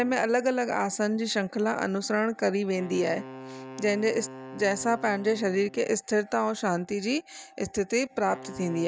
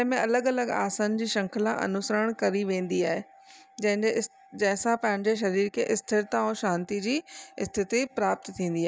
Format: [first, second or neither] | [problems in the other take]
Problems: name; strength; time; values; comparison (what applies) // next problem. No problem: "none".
second | background sound (Wind instrument, woodwind instrument); 18 dB below the speech